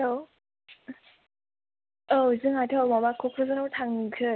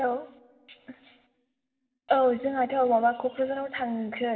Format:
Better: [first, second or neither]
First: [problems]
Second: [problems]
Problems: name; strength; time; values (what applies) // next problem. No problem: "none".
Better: first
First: none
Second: room echo; dies away in 1.5 s